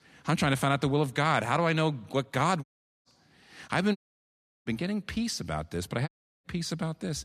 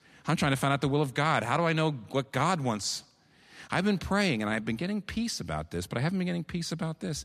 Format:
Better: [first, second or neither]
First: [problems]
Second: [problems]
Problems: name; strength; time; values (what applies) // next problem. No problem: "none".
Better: second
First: audio cutting out; at 2.5 s, at 4 s for 0.5 s and at 6 s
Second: none